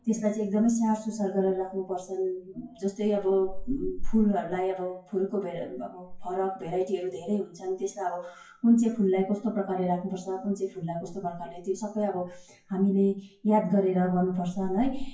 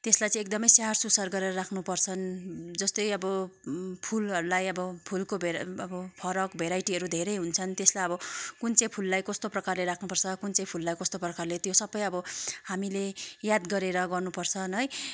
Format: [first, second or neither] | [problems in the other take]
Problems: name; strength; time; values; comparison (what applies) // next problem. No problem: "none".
second | noise reduction (classical method WPE with log-MMSE)